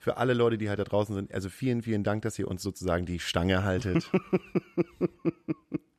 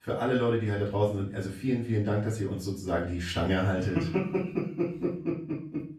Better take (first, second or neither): first